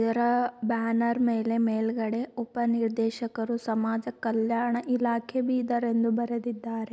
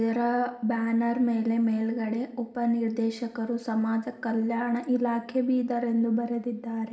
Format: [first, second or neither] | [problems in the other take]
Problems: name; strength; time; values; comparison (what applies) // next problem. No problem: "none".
first | room echo; dies away in 1.7 s